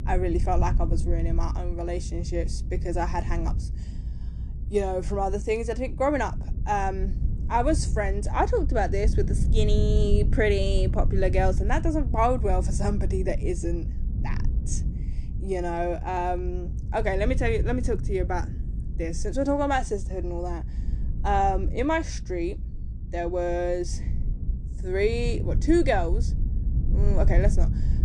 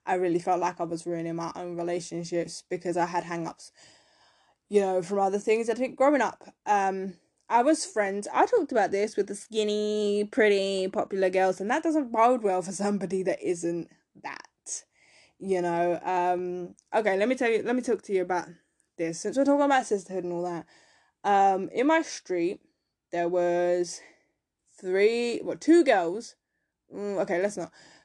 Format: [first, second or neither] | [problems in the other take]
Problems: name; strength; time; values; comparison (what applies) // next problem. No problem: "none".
second | low rumble; noticeable; throughout; 15 dB below the speech